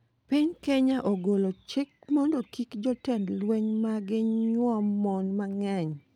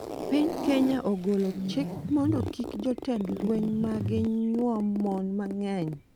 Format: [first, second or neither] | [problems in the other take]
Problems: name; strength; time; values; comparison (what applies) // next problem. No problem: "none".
first | background sound (Zipper (clothing) + Bass guitar); 7 dB below the speech